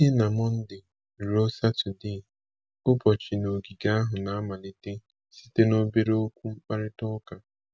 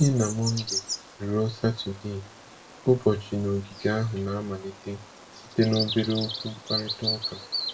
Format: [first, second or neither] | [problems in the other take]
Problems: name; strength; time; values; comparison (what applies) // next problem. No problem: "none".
first | background sound (Bird vocalization, bird call, bird song); 8 dB below the speech // room echo; dies away in 0.2 s